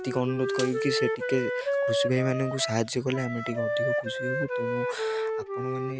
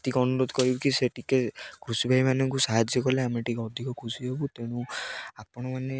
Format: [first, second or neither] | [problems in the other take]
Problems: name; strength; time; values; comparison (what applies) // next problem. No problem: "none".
second | background sound (Wind instrument, woodwind instrument); as loud as the speech